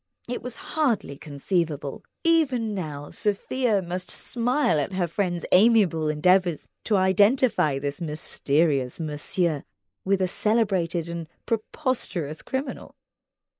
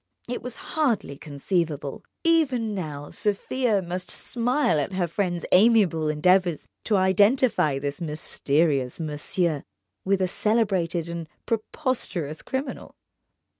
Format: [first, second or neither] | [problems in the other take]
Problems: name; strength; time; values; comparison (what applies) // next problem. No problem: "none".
second | noise reduction (neural mask model Resemble Enhance denoiser)